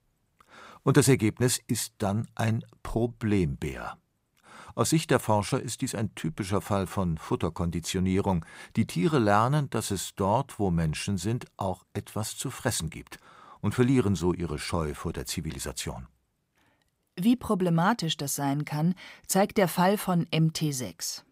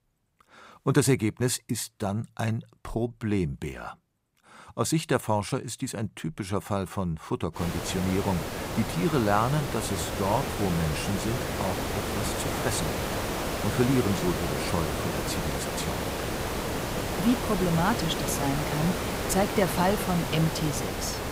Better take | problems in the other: first | hiss; loud; from 7.5 s on; 2 dB below the speech

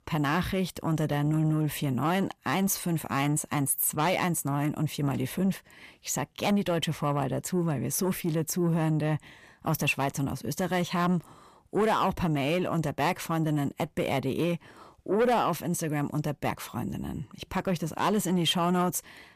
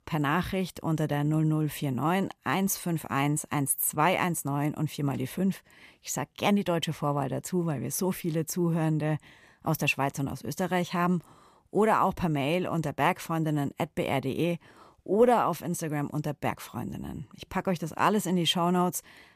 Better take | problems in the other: second | distortion; slight; 10 dB below the speech

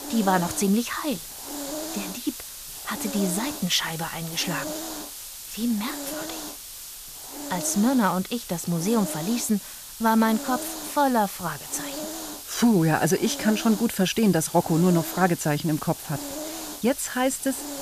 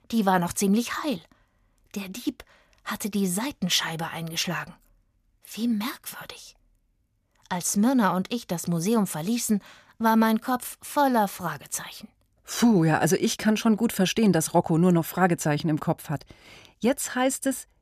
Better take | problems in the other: second | hiss; loud; throughout; 9 dB below the speech

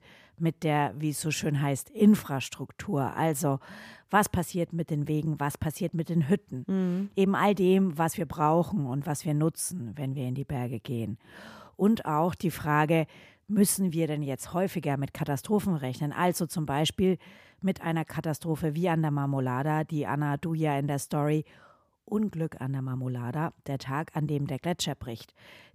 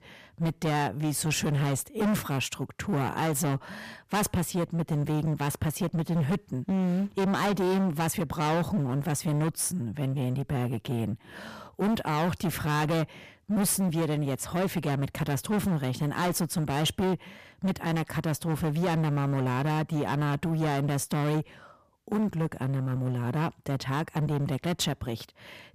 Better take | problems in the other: first | distortion; heavy; 20% of the sound clipped

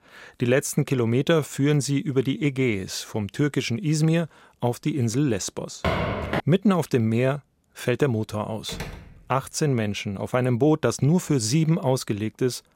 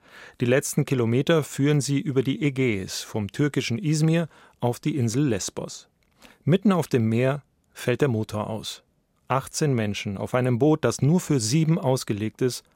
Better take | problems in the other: second | footsteps; noticeable; at 6 s; peak 1 dB below the speech // door banging; faint; at 8.5 s; peak 10 dB below the speech

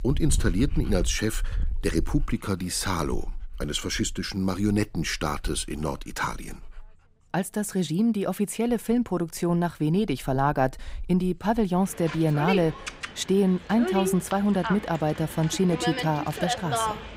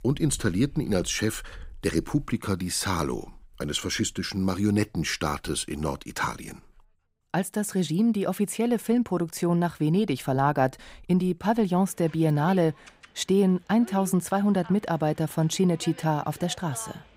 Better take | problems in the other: second | animal sounds; loud; throughout; 7 dB below the speech; faint in the second

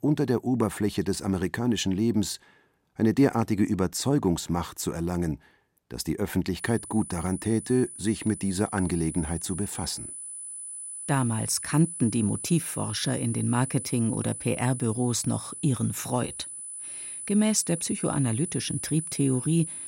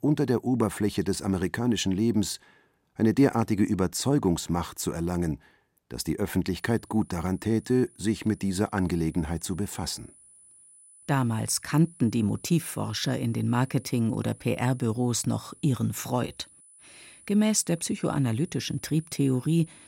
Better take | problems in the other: second | high-pitched whine; loud; from 6.5 s on; 10 kHz, 8 dB below the speech; faint in the second

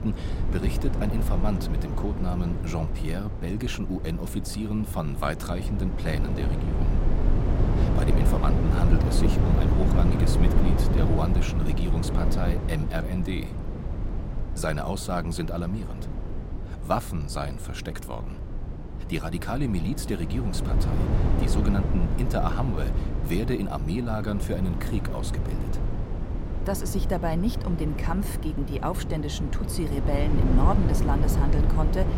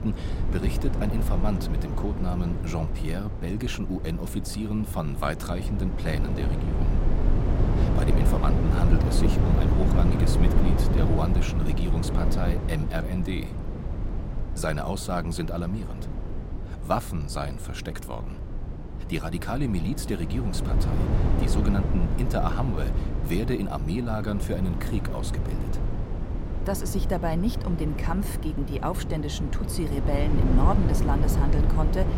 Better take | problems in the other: neither | low rumble; loud; throughout; 4 dB below the speech; the same in both

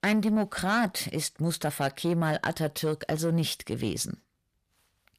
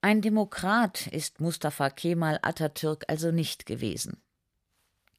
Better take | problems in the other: second | distortion; slight; 10 dB below the speech

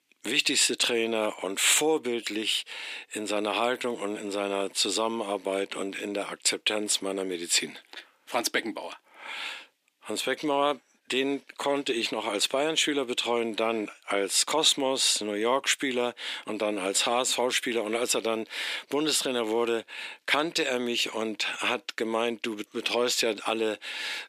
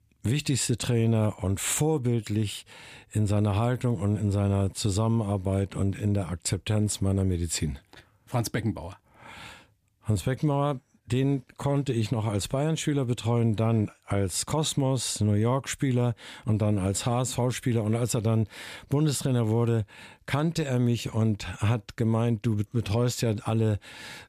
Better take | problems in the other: second | thin; very; fading below 300 Hz

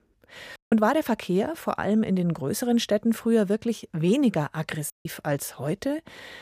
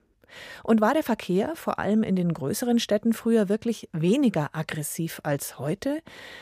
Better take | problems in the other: second | audio cutting out; at 0.5 s and at 5 s

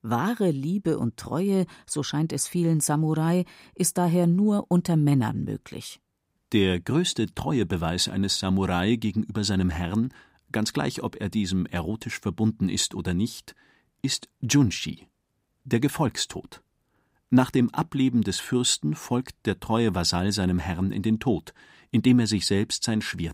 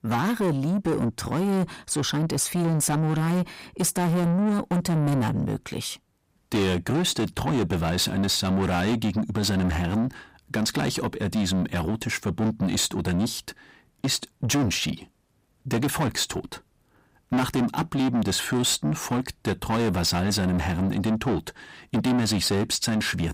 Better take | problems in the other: first | distortion; heavy; 7 dB below the speech

